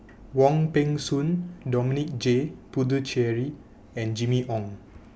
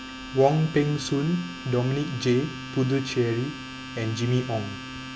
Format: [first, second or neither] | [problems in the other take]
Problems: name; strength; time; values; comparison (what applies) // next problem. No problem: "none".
first | background sound (Domestic sounds, home sounds); 12 dB below the speech